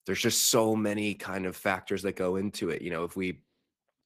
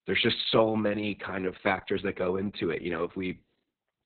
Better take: first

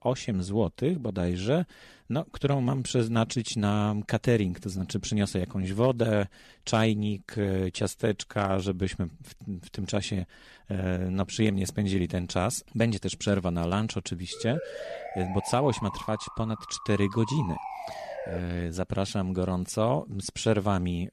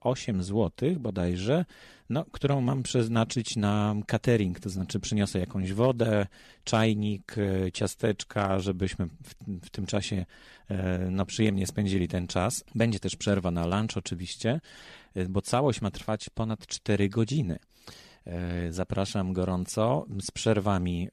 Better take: second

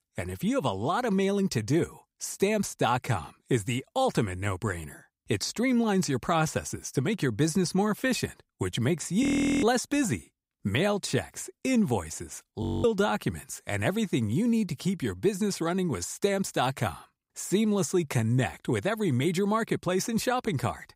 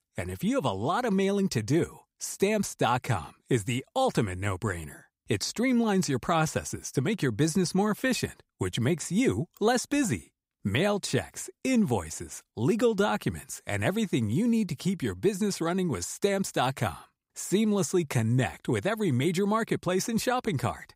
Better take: second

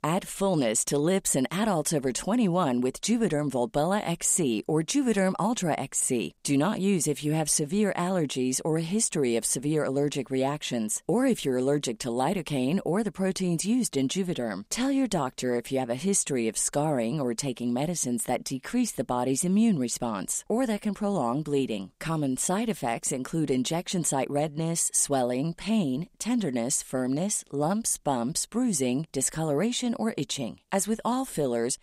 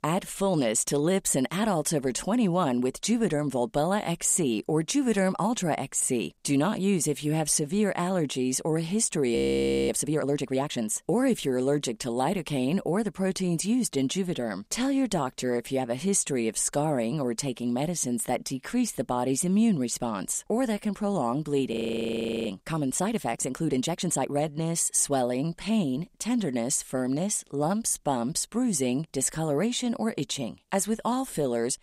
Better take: first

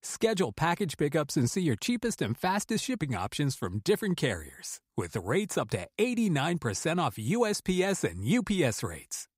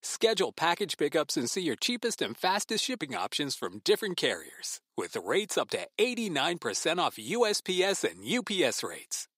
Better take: first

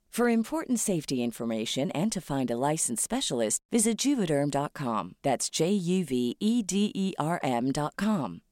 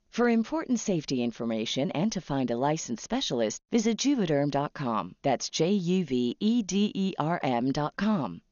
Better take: first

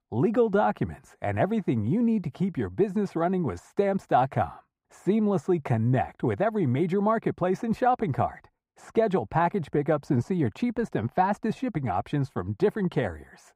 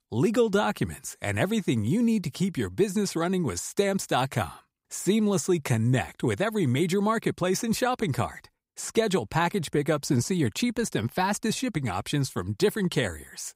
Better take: second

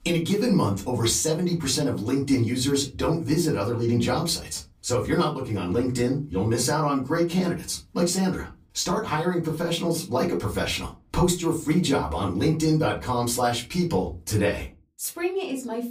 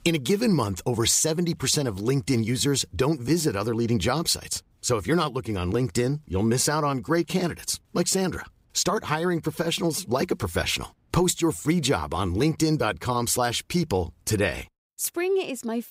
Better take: second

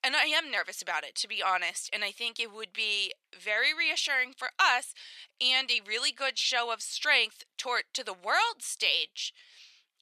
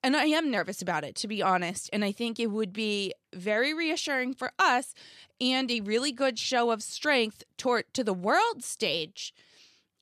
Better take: second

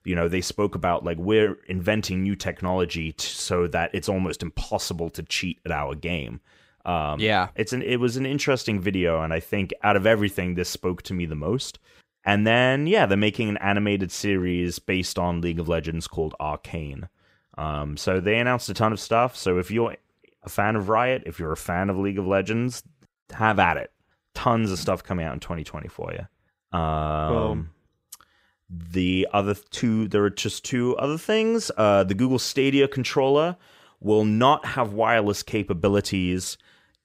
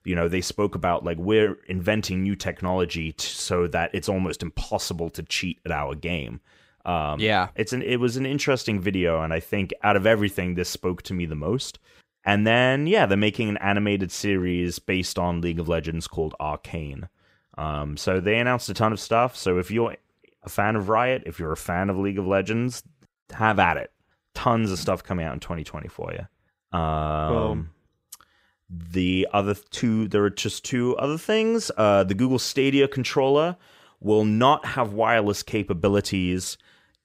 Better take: neither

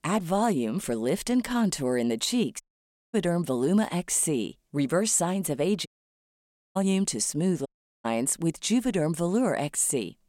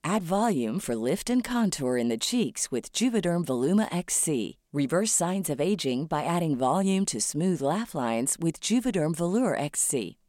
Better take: second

